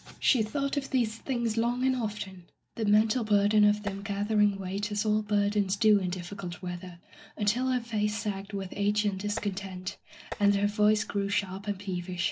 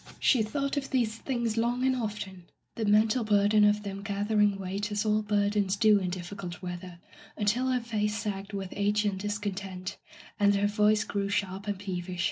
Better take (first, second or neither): second